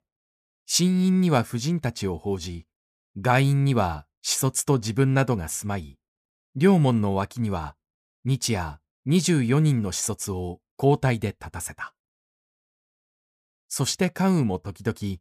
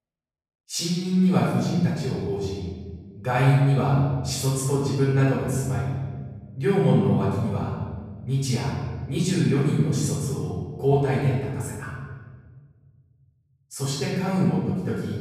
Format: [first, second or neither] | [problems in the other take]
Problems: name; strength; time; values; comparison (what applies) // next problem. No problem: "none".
first | room echo; strong; dies away in 1.8 s // off-mic speech; far